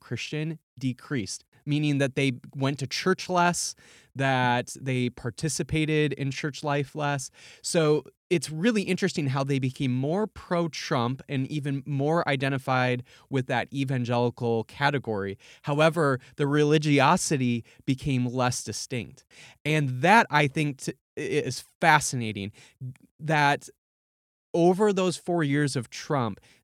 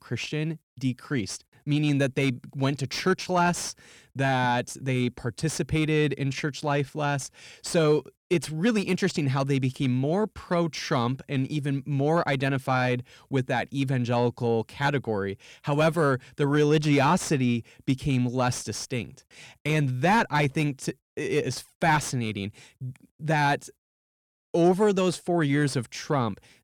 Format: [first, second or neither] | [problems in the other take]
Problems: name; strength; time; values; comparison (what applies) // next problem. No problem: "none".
first | distortion; slight; 10 dB below the speech